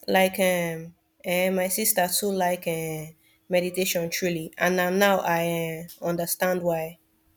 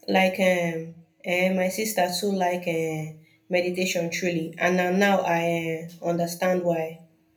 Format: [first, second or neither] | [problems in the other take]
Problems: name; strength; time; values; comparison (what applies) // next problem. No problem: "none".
first | room echo; dies away in 0.3 s